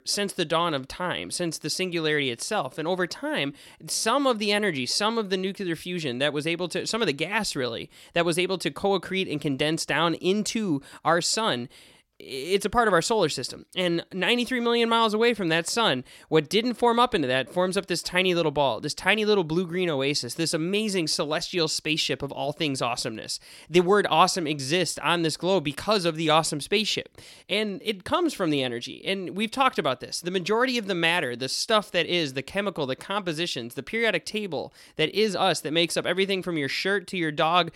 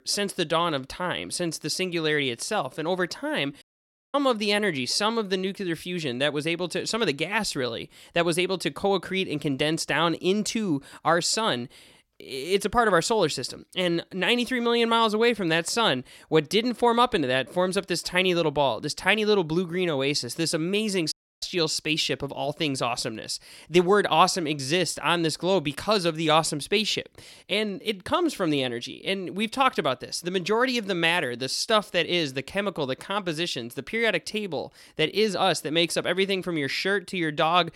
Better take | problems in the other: first | audio cutting out; at 3.5 s for 0.5 s and at 21 s

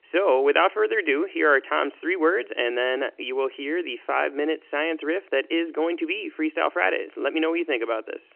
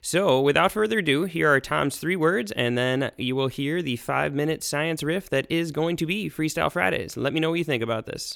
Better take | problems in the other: second | phone-call audio; nothing above 3 kHz

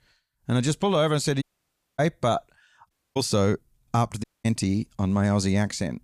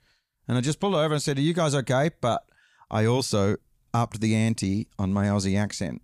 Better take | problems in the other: second | audio cutting out; at 1.5 s for 0.5 s, at 3 s and at 4 s

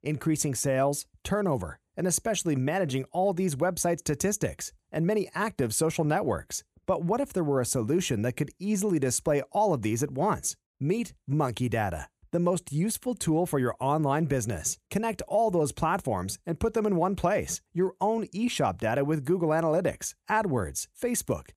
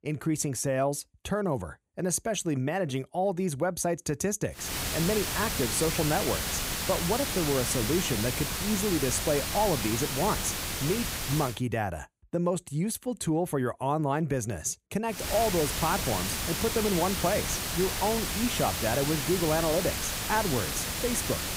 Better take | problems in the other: first | hiss; loud; from 4.5 to 11 s and from 15 s on; 1 dB below the speech

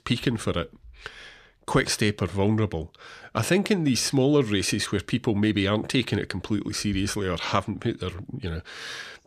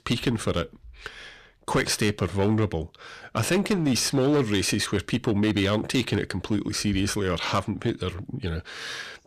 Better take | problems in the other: first | distortion; slight; 8% of the sound clipped

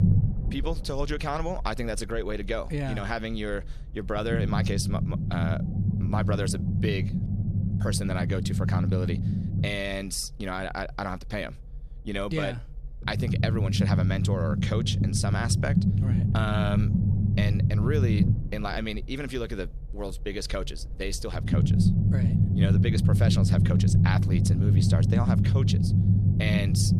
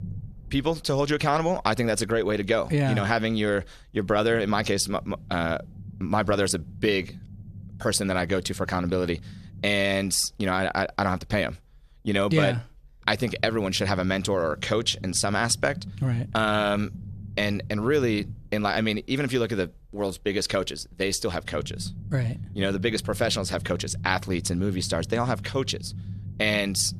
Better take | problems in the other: second | low rumble; loud; throughout; 3 dB below the speech; faint in the second

